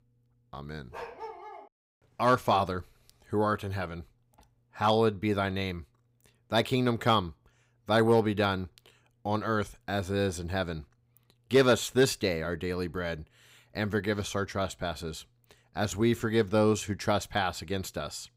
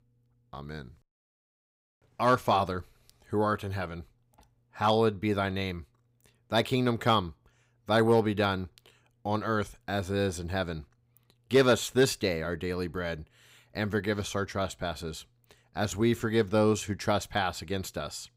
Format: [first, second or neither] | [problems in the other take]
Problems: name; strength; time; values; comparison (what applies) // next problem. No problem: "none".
second | dog barking; faint; at 1 s; peak 10 dB below the speech